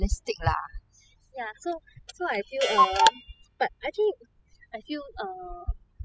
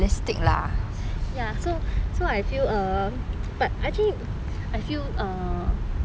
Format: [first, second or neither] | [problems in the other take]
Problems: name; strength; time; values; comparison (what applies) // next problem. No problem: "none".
second | noise reduction (classical method spectral subtraction)